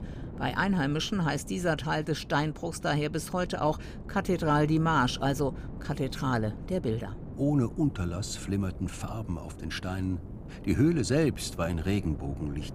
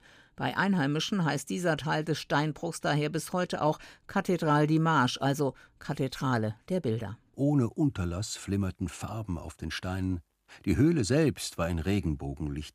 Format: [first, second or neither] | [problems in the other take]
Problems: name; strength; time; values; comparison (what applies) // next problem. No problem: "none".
second | wind noise on the microphone; occasional gusts; 20 dB below the speech